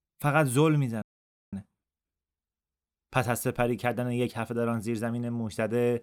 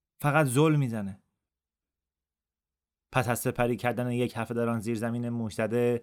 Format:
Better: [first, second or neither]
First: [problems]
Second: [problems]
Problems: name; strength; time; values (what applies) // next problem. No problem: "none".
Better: second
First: audio freezing; at 1 s for 0.5 s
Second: none